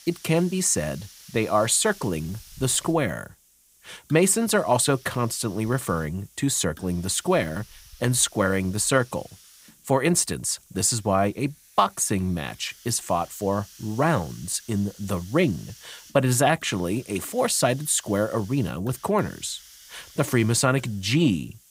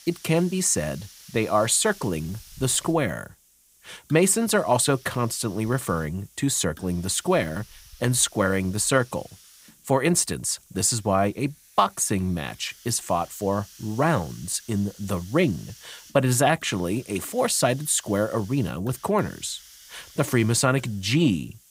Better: neither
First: hiss; faint; throughout; 25 dB below the speech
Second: hiss; faint; throughout; 25 dB below the speech

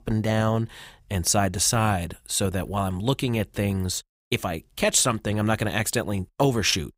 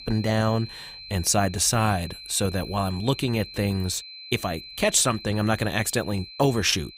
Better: first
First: none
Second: high-pitched whine; noticeable; throughout; 4 kHz, 15 dB below the speech

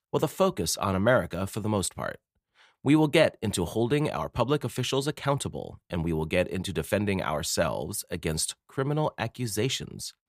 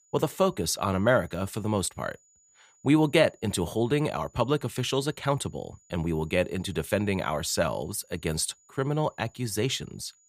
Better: first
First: none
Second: high-pitched whine; faint; throughout; 7 kHz, 30 dB below the speech

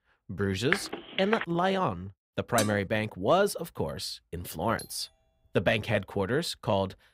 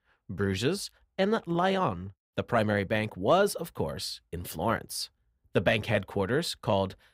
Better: second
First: phone ringing; noticeable; at 0.5 s; peak 2 dB below the speech // clattering dishes; noticeable; at 2.5 s; peak 4 dB below the speech // doorbell; faint; at 5 s; peak 15 dB below the speech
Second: none

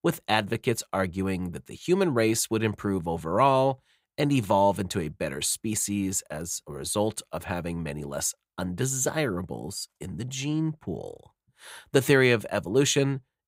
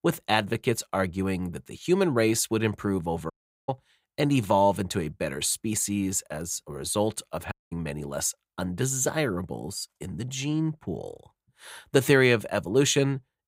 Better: first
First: none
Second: audio cutting out; at 3.5 s and at 7.5 s

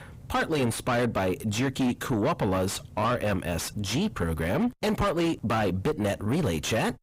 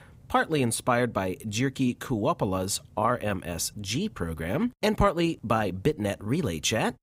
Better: second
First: distortion; heavy; 6 dB below the speech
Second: none

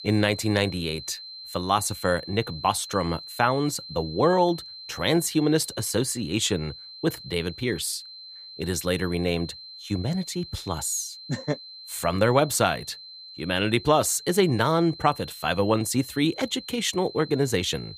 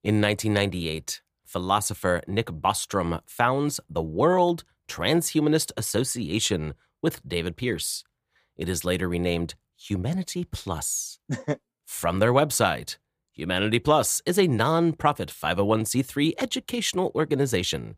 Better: second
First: high-pitched whine; noticeable; throughout; 4 kHz, 15 dB below the speech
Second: none

